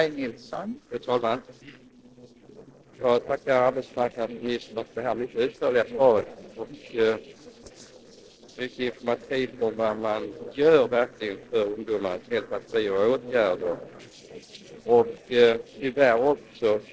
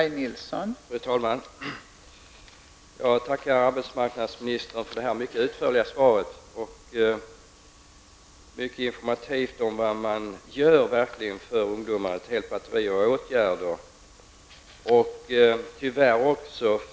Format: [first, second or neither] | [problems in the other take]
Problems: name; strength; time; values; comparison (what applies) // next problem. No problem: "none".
second | noise reduction (neural separator model SepFormer DNS4)